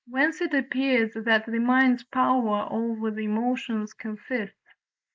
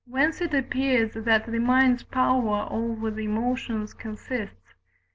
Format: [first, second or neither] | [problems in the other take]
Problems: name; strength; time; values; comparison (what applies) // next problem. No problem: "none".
second | noise reduction (neural mask model Resemble Enhance denoiser)